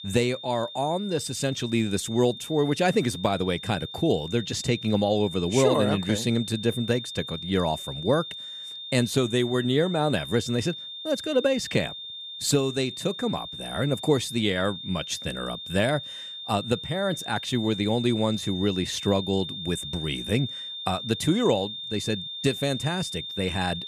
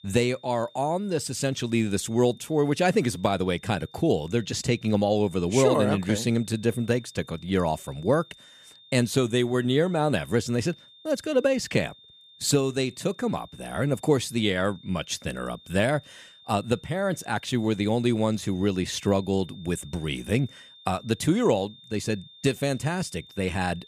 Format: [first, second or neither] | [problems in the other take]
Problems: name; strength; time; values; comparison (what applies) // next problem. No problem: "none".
second | high-pitched whine; loud; throughout; 3.5 kHz, 9 dB below the speech; faint in the second